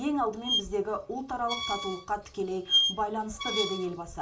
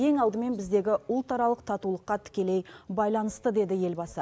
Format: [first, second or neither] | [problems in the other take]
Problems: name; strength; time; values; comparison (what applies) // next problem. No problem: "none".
second | background sound (Squeak); as loud as the speech // room echo; dies away in 0.2 s